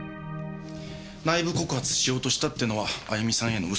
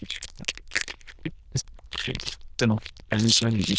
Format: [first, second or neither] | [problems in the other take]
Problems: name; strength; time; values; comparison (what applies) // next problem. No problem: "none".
first | noise reduction (neural diffusion model UNIVERSE++)